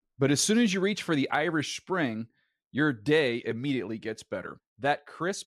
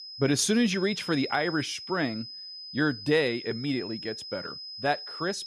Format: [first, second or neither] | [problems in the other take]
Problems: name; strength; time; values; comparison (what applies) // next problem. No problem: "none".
first | high-pitched whine; loud; throughout; 5 kHz, 10 dB below the speech